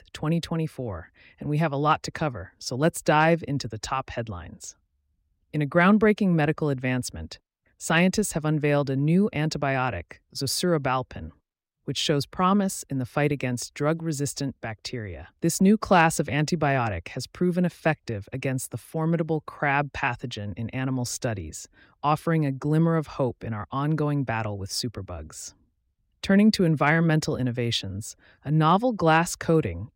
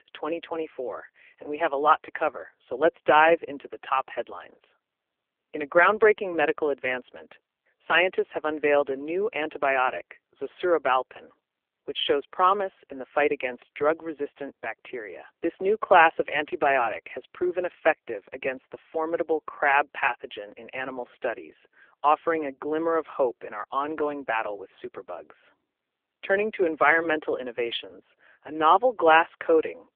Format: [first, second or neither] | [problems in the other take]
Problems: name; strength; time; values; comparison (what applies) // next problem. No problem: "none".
first | phone-call audio; poor line; nothing above 3.5 kHz